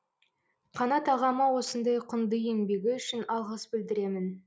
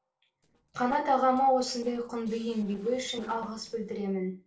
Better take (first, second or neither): first